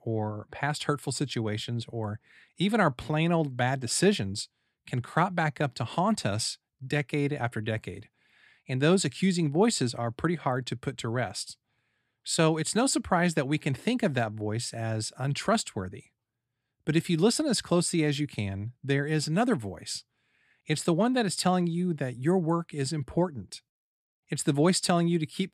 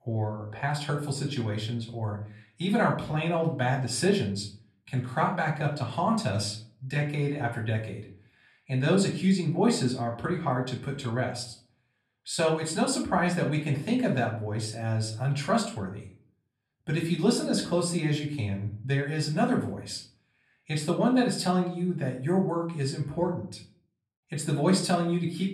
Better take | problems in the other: first | off-mic speech; far // room echo; slight; dies away in 0.4 s

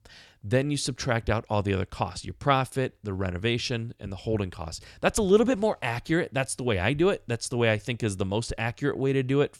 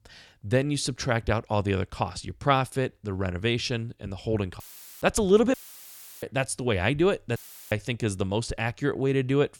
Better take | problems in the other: first | audio cutting out; filled with static; at 4.5 s, at 5.5 s for 0.5 s and at 7.5 s

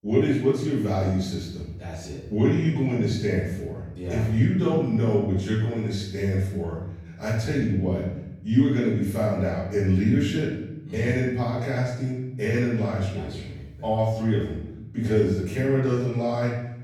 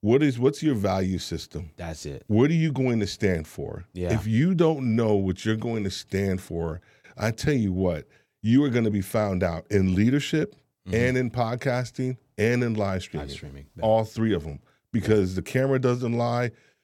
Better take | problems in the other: second | off-mic speech; far // room echo; noticeable; dies away in 0.9 s

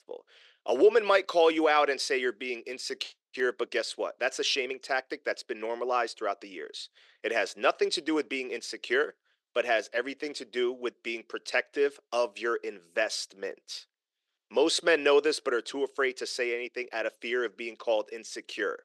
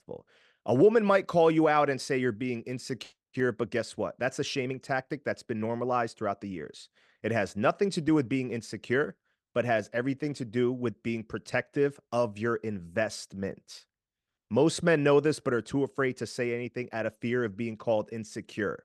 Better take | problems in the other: second | thin; somewhat; fading below 350 Hz

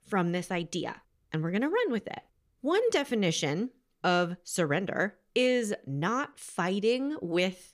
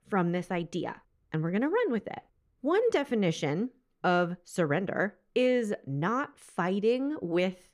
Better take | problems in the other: first | muffled; slightly; fading above 2.5 kHz

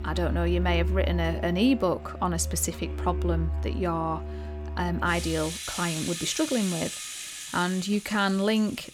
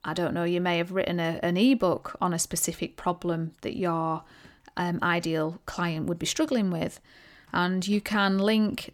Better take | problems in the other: second | background music; loud; throughout; 5 dB below the speech

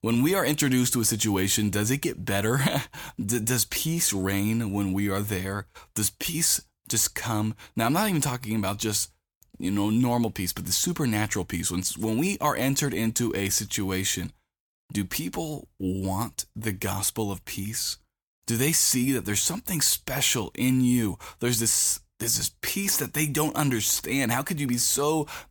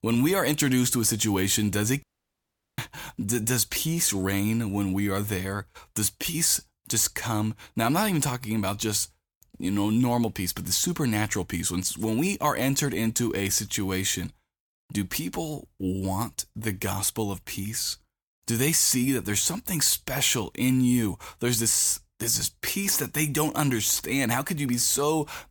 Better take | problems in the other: first | audio cutting out; at 2 s for 1 s

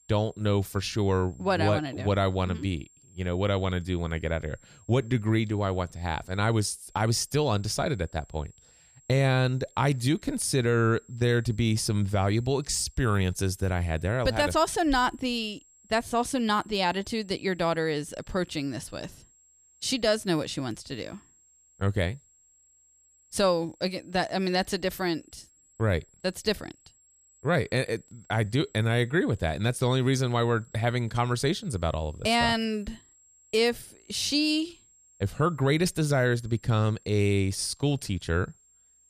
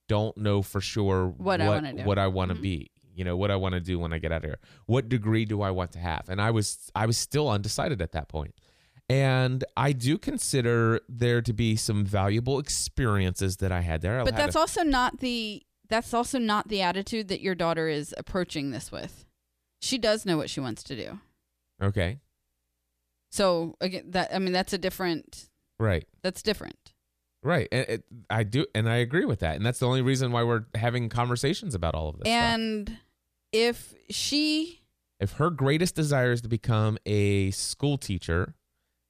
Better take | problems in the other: second | high-pitched whine; faint; throughout; 7.5 kHz, 30 dB below the speech

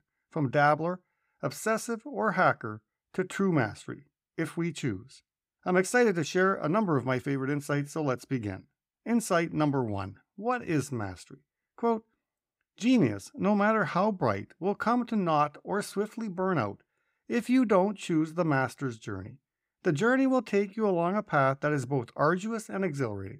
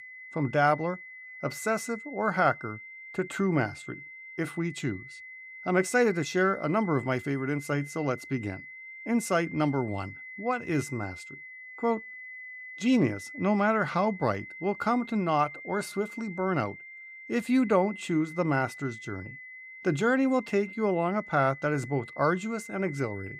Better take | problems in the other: first | high-pitched whine; noticeable; throughout; 2 kHz, 15 dB below the speech

